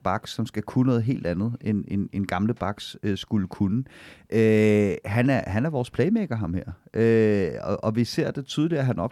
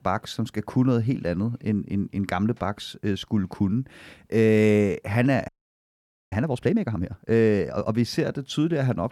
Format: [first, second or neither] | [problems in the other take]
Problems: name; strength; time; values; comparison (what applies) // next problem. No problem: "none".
first | audio freezing; at 5.5 s for 1 s